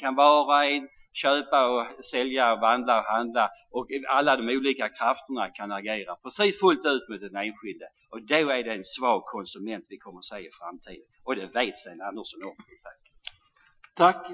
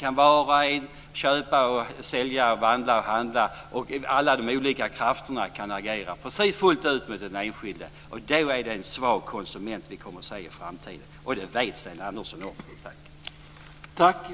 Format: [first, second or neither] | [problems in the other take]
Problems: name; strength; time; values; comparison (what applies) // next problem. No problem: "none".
second | noise reduction (classical method Wiener filter)